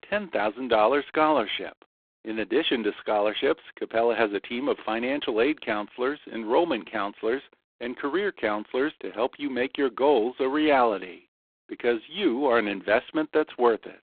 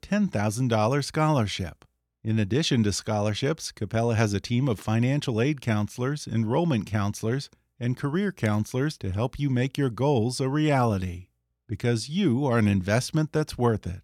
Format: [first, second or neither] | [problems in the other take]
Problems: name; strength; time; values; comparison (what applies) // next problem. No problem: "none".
second | phone-call audio; poor line